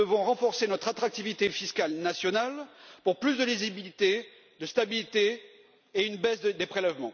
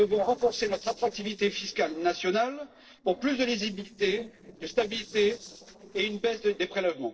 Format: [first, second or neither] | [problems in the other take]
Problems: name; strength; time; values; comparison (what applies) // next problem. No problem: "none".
first | noise reduction (neural separator model SepFormer DNS4)